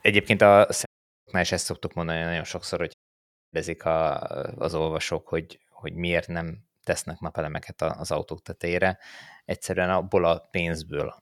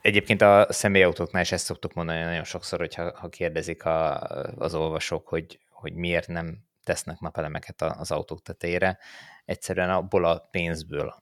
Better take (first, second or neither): second